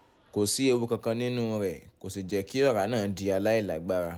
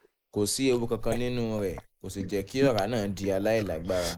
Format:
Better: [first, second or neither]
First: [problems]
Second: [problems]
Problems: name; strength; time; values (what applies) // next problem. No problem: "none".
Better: first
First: none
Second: noise reduction (neural mask model Resemble Enhance denoiser)